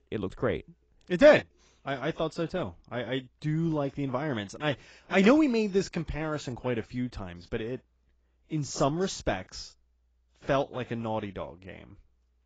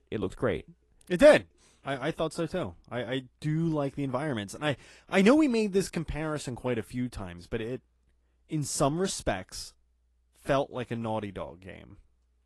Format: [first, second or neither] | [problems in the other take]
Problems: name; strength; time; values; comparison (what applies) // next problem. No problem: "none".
second | garbled, watery; badly; nothing above 7.5 kHz; slightly in the second